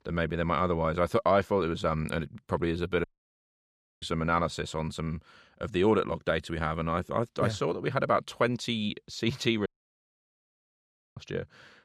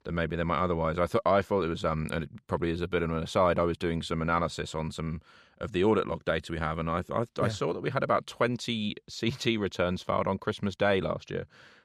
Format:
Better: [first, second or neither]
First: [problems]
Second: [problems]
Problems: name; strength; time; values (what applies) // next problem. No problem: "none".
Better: second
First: audio cutting out; at 3 s for 1 s and at 9.5 s for 1.5 s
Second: none